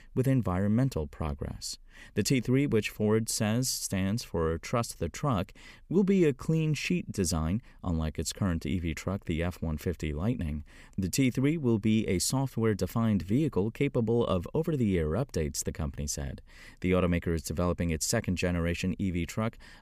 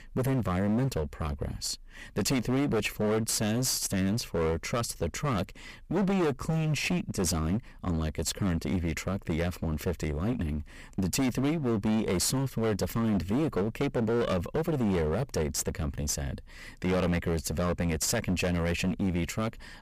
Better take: first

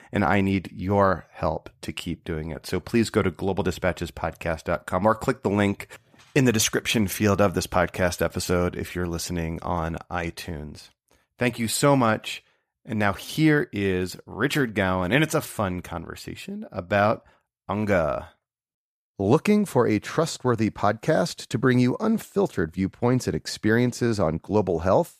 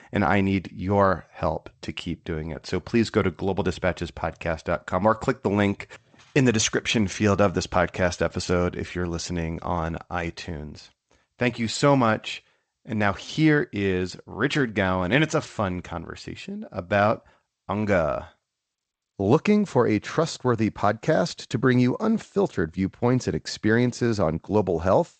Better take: first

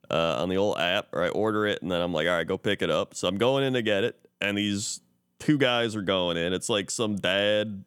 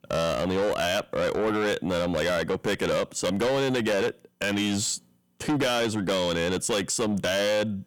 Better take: first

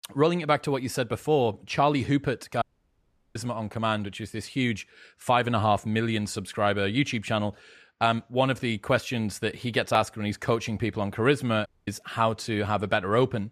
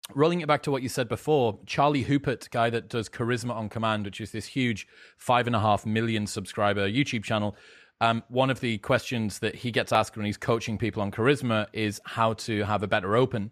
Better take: second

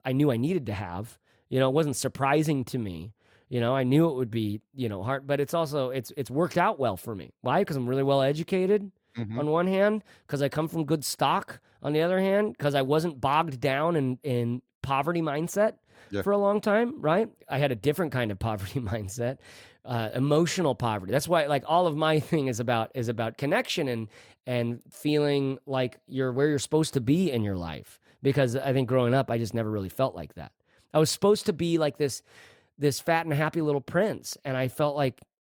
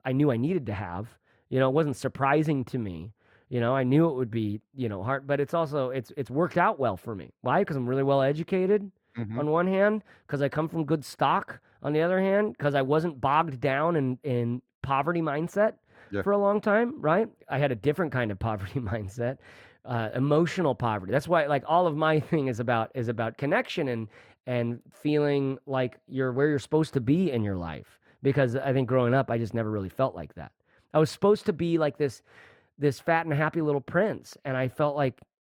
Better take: first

